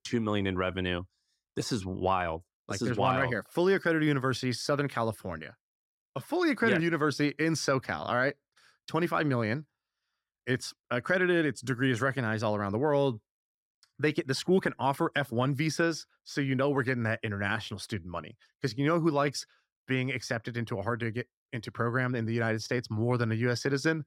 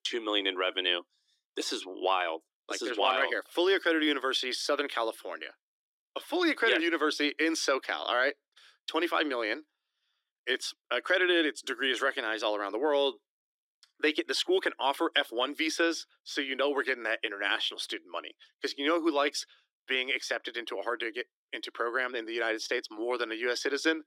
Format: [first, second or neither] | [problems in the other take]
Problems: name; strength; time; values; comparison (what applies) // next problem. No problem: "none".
first | thin; somewhat; fading below 300 Hz